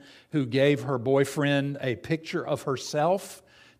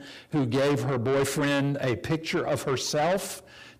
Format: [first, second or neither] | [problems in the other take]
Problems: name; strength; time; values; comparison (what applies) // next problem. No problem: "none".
first | distortion; heavy; 6 dB below the speech